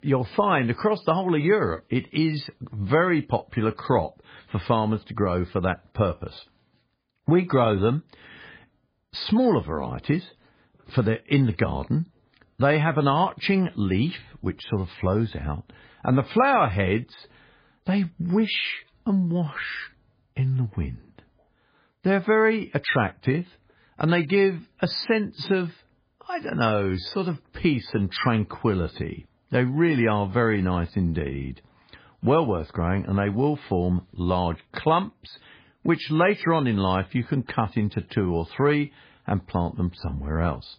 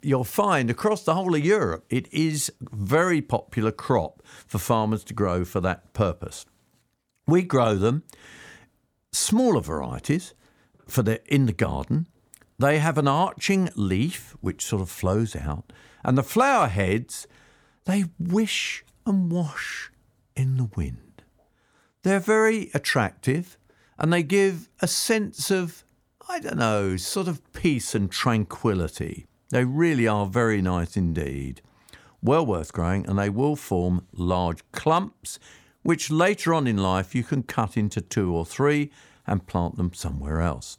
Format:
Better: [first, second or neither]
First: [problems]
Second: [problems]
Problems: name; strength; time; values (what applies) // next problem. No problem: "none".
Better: second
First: garbled, watery; badly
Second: none